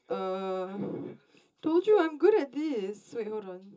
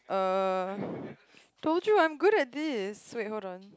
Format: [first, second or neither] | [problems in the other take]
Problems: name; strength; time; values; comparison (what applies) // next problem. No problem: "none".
second | background sound (Cowbell); 16 dB below the speech // room echo; dies away in 0.2 s